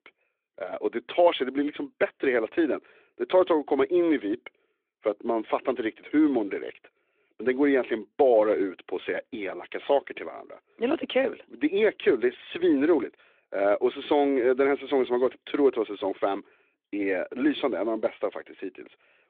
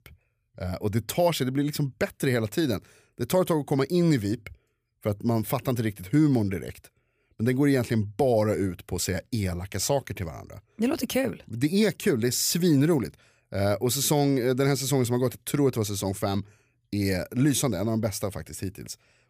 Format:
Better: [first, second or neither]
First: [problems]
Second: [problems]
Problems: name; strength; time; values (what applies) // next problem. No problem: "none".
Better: second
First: phone-call audio; nothing above 3.5 kHz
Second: none